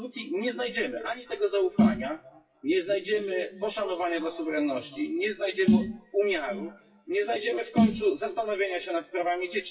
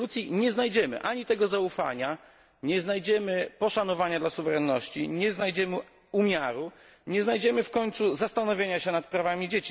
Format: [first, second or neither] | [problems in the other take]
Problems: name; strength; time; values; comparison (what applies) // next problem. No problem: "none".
second | noise reduction (classical method WPE with log-MMSE)